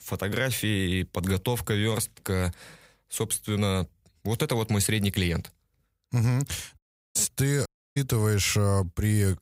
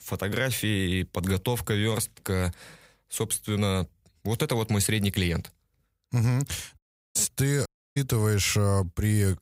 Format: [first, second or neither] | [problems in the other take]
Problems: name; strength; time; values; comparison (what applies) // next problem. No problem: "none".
neither | audio cutting out; at 7 s and at 7.5 s; the same in both